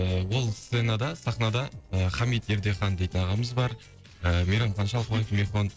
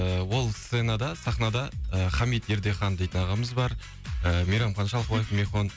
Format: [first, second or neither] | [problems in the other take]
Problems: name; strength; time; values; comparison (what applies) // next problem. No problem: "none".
second | noise reduction (neural separator model SepFormer DNS4)